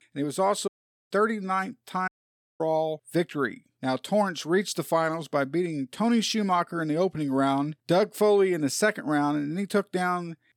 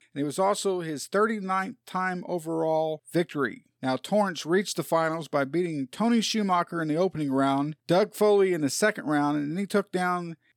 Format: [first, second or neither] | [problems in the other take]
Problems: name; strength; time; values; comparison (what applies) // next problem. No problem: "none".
second | audio cutting out; at 0.5 s and at 2 s for 0.5 s